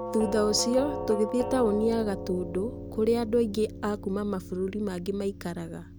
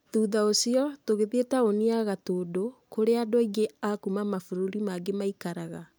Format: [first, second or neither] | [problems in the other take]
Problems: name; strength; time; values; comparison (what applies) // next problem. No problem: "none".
second | background sound (Doorbell); 8 dB below the speech